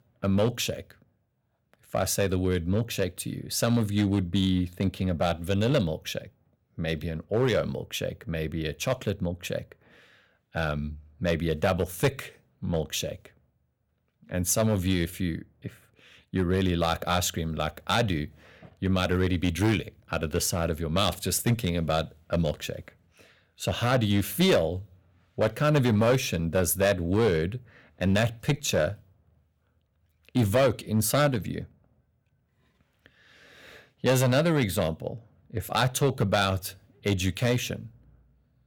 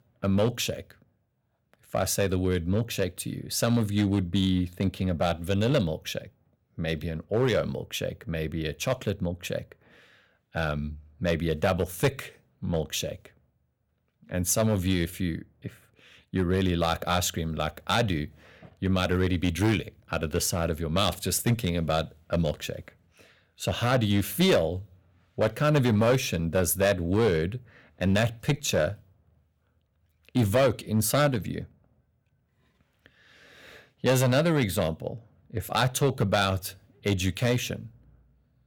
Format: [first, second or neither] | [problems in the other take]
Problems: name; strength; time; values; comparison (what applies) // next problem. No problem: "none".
neither | distortion; slight; 3% of the sound clipped; the same in both